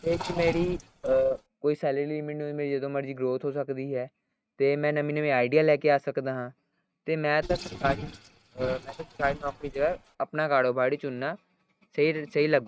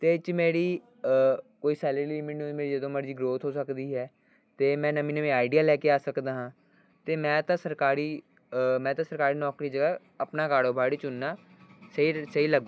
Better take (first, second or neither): second